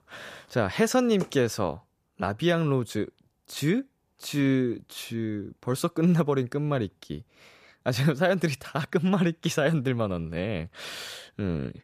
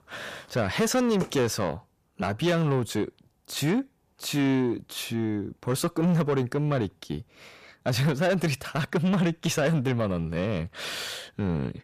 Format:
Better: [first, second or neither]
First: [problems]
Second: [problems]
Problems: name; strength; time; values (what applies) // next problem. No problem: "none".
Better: first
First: none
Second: distortion; slight; 10 dB below the speech